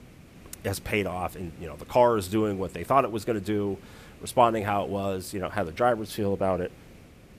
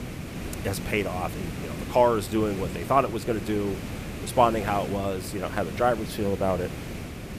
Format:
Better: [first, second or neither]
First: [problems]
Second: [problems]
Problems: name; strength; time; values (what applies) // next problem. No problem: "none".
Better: first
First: hiss; faint; throughout; 25 dB below the speech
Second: hiss; loud; throughout; 9 dB below the speech